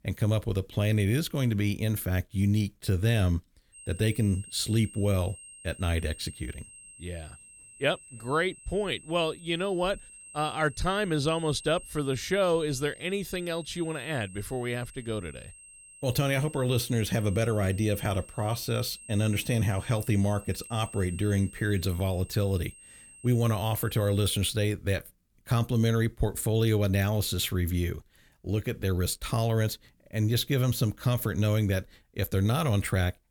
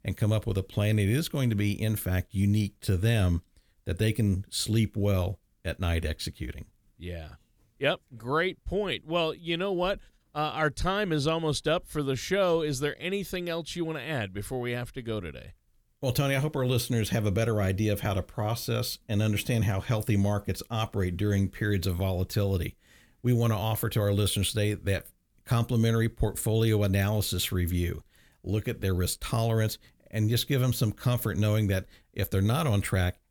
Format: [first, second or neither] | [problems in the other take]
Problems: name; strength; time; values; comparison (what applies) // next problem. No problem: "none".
second | high-pitched whine; noticeable; from 4 to 24 s; 8.5 kHz, 20 dB below the speech